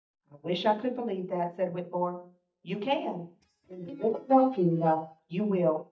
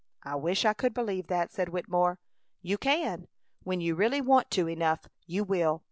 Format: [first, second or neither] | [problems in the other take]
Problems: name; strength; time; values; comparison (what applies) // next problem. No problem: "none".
second | noise reduction (neural mask model DeepFilterNet 3)